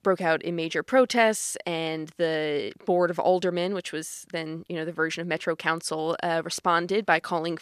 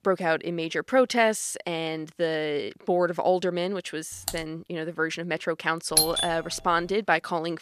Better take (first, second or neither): first